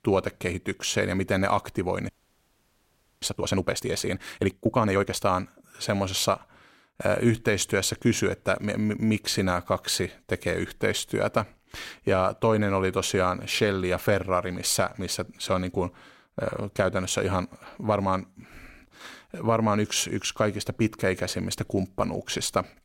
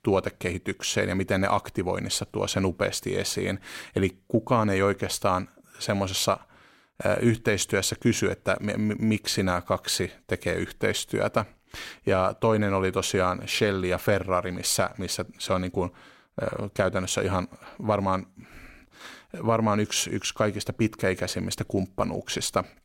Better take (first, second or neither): second